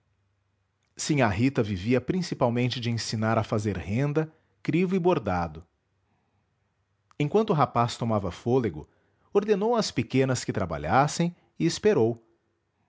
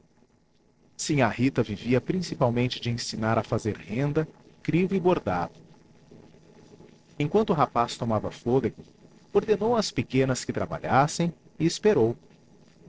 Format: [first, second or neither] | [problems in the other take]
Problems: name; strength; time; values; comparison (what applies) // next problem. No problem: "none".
first | noise reduction (neural separator model SepFormer DNS4)